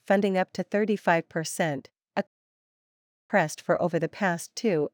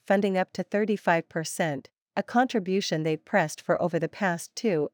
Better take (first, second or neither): second